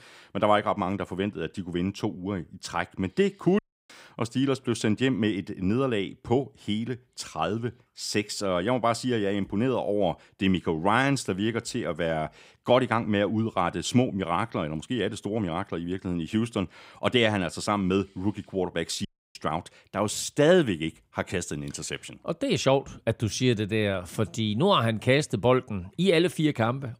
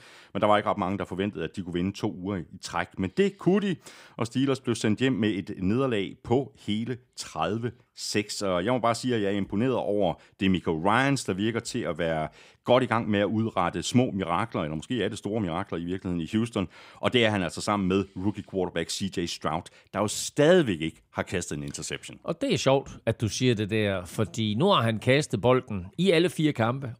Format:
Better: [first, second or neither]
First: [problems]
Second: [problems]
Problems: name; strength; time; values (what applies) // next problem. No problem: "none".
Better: second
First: audio cutting out; at 3.5 s and at 19 s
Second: none